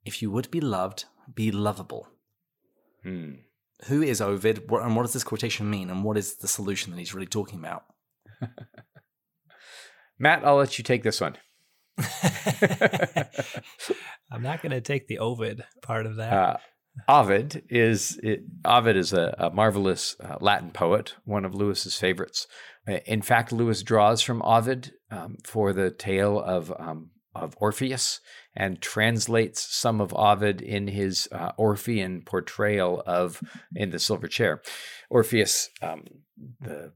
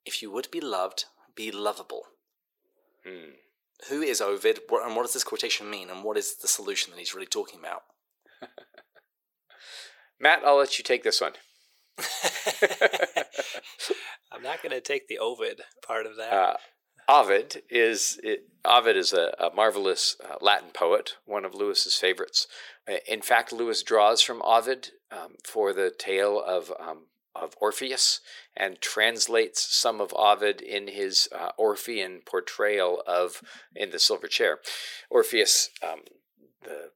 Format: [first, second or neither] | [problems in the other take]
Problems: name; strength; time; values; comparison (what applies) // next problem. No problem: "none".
first | thin; very; fading below 400 Hz